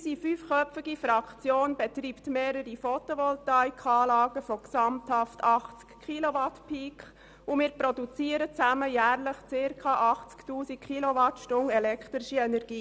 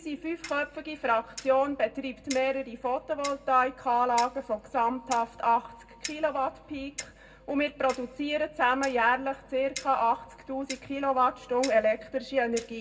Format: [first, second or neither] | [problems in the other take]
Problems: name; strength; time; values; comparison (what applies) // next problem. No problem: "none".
first | background sound (Clock); 18 dB below the speech // room echo; dies away in 0.3 s